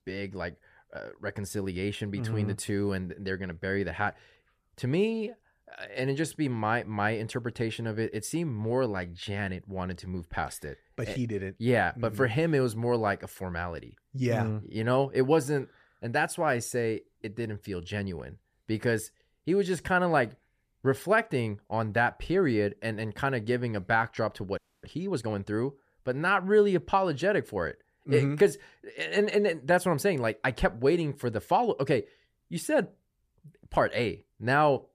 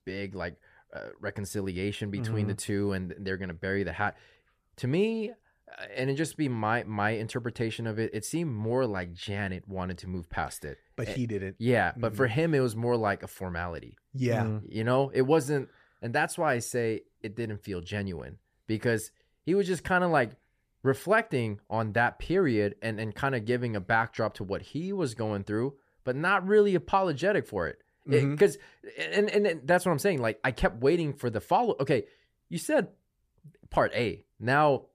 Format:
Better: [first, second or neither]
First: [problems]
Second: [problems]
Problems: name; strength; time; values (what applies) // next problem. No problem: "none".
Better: second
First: audio freezing; at 25 s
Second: none